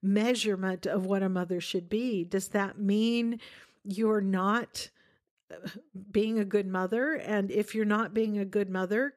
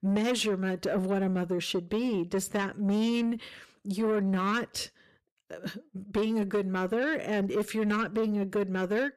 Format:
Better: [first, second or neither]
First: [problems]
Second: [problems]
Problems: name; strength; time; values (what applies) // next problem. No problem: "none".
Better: first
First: none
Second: distortion; slight; 10 dB below the speech